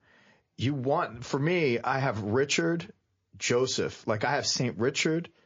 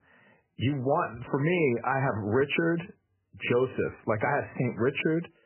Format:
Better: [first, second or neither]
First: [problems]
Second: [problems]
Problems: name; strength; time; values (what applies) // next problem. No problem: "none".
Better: first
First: garbled, watery; slightly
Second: garbled, watery; badly; nothing above 3 kHz